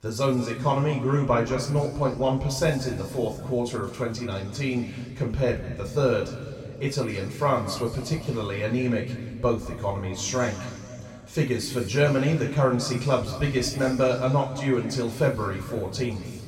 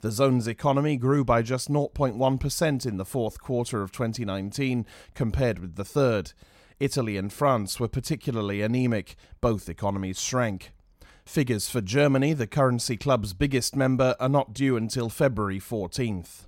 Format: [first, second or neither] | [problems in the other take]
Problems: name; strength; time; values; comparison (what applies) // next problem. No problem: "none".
second | room echo; noticeable; dies away in 2.2 s // off-mic speech; somewhat distant